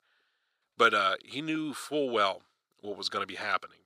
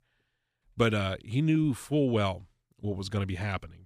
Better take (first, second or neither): second